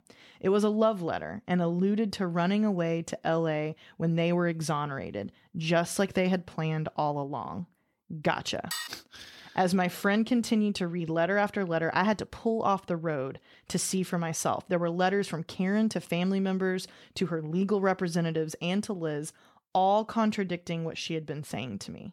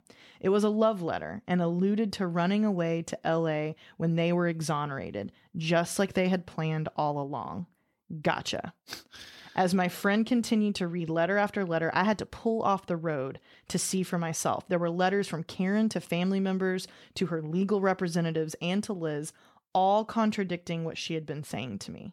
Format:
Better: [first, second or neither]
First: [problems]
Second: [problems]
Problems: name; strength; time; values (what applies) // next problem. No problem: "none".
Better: second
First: clattering dishes; noticeable; at 8.5 s; peak 6 dB below the speech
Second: none